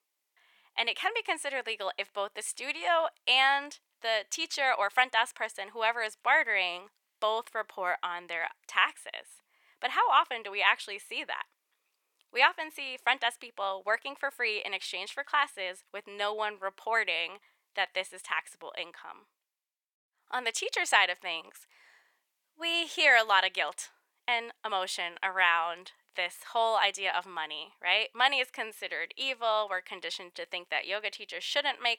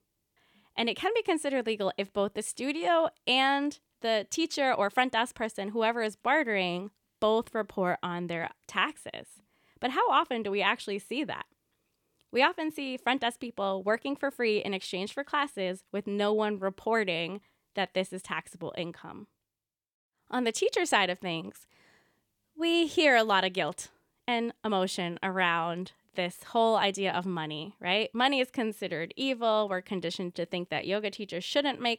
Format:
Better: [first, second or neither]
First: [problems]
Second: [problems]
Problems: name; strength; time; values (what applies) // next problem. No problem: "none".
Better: second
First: thin; very; fading below 900 Hz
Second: none